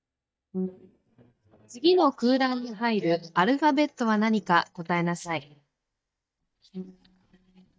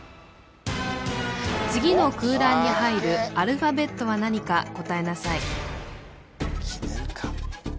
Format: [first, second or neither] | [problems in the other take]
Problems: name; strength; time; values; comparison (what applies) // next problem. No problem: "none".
second | noise reduction (neural mask model DeepFilterNet 3)